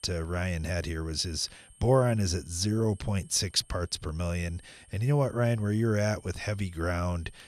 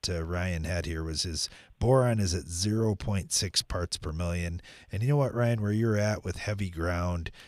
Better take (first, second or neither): second